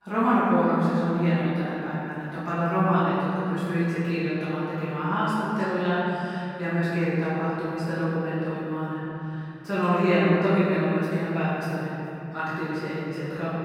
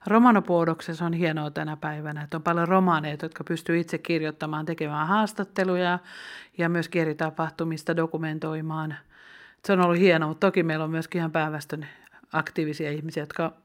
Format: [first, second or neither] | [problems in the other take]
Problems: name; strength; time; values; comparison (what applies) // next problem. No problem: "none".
second | room echo; strong; dies away in 3 s // off-mic speech; far